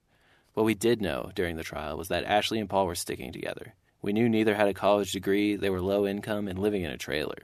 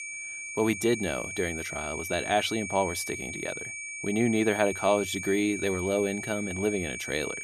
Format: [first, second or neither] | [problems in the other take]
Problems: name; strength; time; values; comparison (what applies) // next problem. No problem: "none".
first | high-pitched whine; loud; throughout; 2.5 kHz, 6 dB below the speech